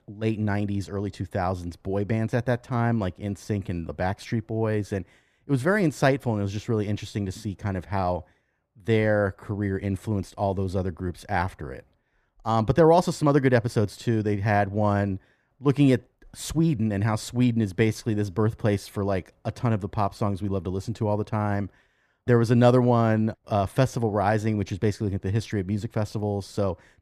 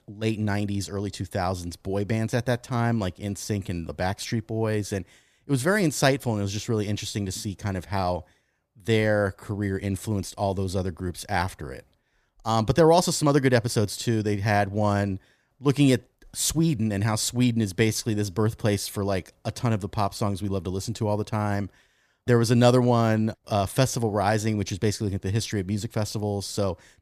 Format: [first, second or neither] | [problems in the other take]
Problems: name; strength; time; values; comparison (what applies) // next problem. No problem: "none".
second | muffled; slightly; fading above 3 kHz